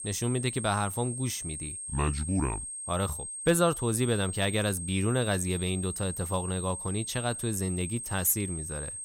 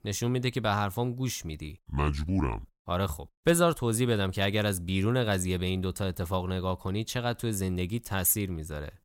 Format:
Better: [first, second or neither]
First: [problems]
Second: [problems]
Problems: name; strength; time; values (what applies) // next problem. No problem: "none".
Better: second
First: high-pitched whine; loud; throughout; 8.5 kHz, 6 dB below the speech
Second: none